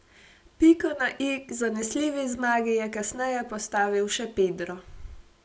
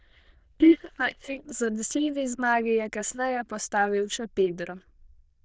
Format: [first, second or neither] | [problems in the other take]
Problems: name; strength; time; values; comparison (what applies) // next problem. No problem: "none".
first | noise reduction (neural diffusion model UNIVERSE++)